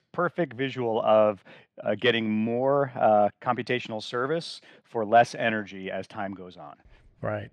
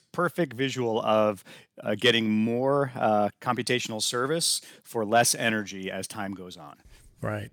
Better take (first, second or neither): second